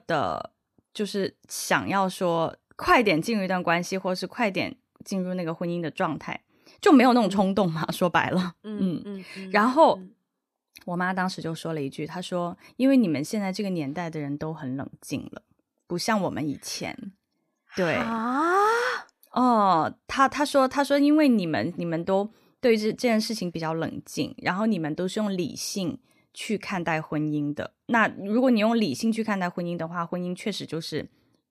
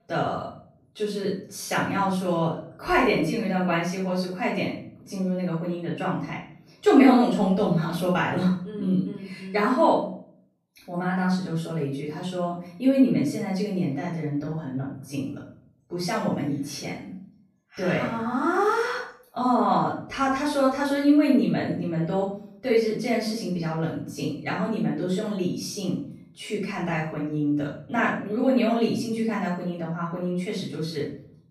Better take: first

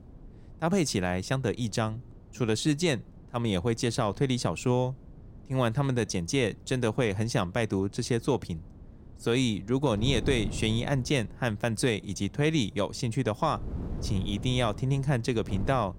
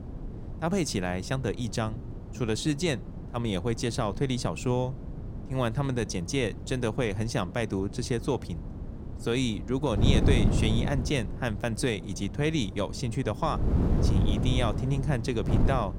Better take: first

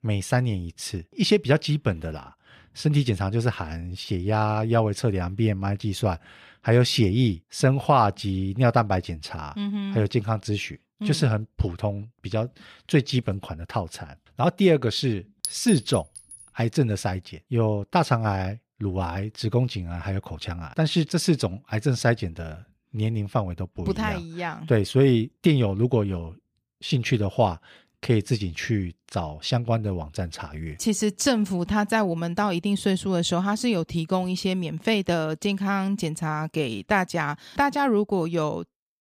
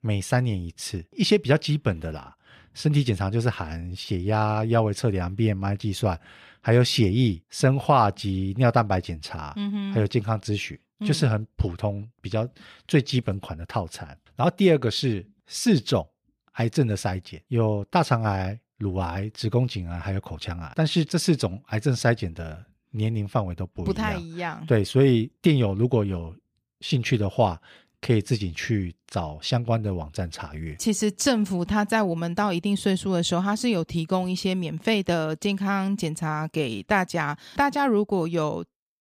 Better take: second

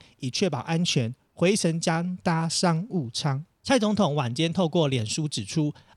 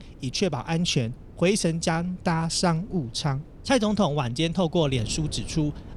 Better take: first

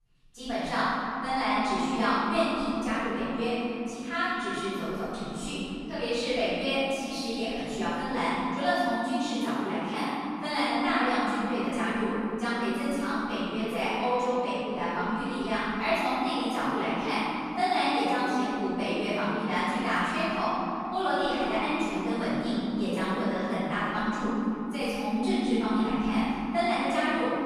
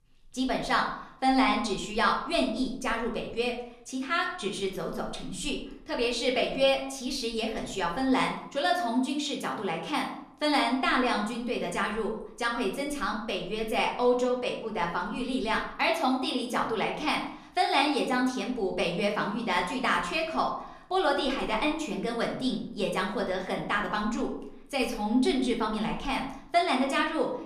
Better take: second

